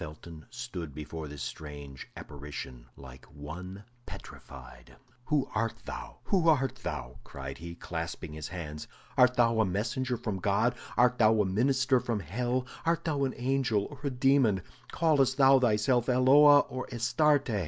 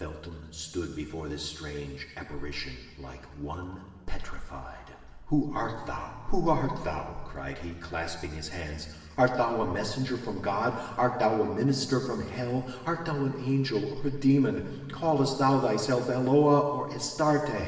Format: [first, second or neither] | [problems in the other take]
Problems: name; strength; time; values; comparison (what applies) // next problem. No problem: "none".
first | room echo; dies away in 2.4 s